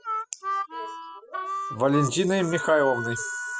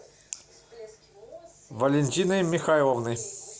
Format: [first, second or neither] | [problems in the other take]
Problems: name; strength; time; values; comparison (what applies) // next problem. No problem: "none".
second | noise reduction (classical method spectral subtraction)